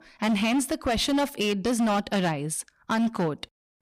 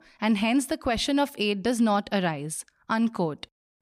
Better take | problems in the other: second | distortion; slight; 15% of the sound clipped

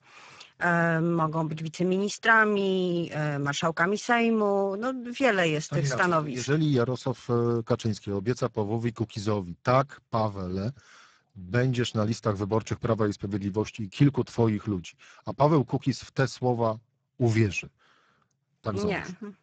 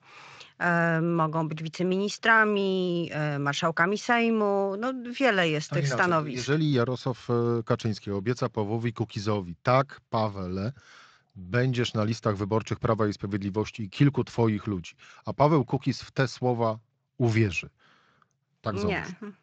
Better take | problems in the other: second | garbled, watery; badly; nothing above 7.5 kHz; slightly in the second

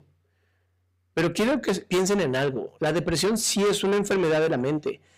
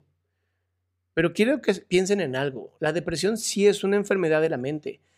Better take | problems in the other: second | distortion; heavy; 6 dB below the speech

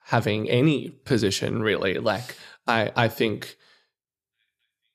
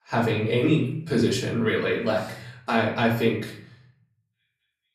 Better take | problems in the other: first | off-mic speech; far // room echo; slight; dies away in 0.7 s

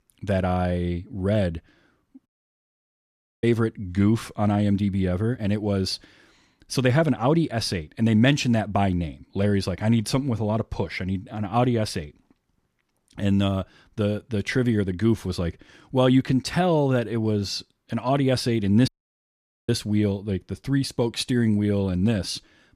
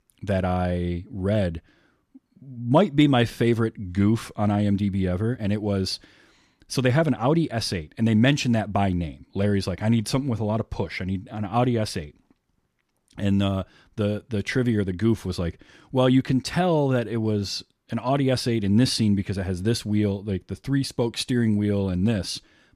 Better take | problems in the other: second | audio cutting out; at 2.5 s for 1 s and at 19 s for 1 s

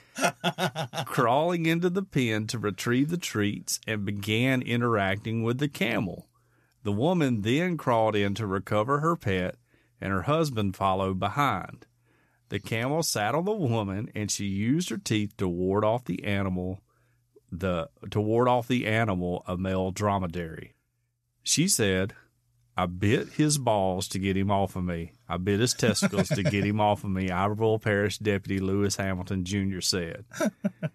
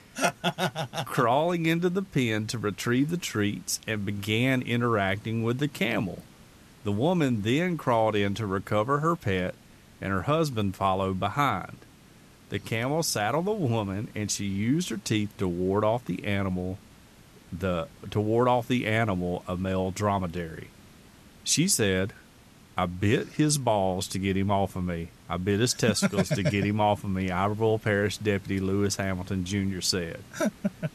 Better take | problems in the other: first | hiss; faint; throughout; 25 dB below the speech

